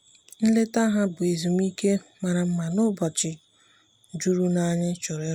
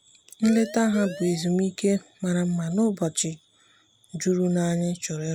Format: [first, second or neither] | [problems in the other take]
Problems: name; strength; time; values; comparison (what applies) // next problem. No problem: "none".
first | background sound (Siren); 12 dB below the speech